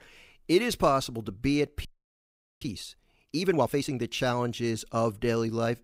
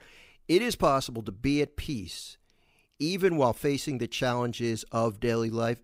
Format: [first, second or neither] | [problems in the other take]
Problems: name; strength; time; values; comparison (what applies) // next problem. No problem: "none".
second | audio freezing; at 2 s for 1 s